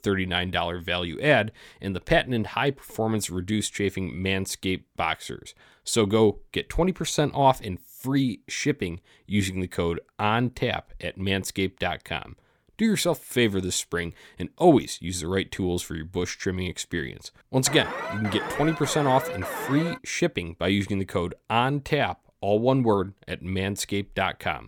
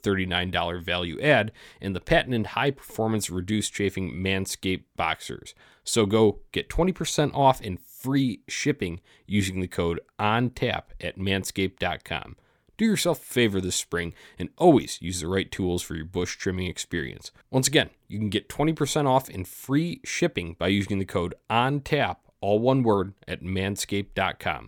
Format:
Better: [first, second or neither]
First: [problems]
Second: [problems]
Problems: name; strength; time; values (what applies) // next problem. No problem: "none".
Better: second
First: alarm; noticeable; from 18 to 20 s; peak 5 dB below the speech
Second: none